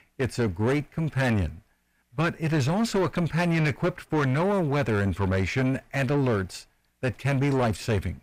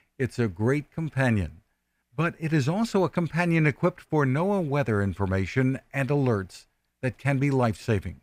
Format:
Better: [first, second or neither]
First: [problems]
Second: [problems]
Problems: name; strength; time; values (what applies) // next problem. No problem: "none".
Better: second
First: distortion; heavy; 6 dB below the speech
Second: none